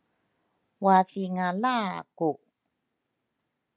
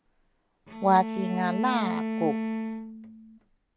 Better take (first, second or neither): first